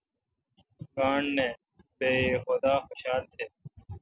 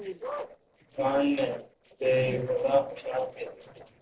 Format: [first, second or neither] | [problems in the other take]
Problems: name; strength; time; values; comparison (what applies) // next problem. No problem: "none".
first | noise reduction (neural separator model SepFormer DNS4)